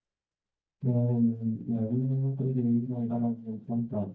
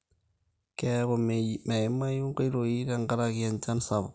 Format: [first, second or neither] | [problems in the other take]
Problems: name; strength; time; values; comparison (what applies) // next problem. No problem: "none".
second | noise reduction (neural mask model DeepFilterNet 3)